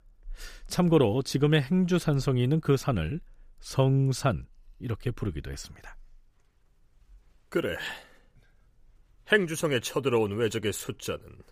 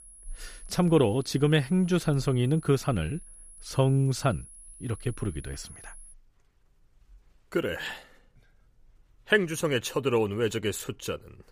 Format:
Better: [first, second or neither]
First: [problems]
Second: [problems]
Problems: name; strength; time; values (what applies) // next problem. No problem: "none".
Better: first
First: none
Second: high-pitched whine; faint; until 6 s; 10.5 kHz, 20 dB below the speech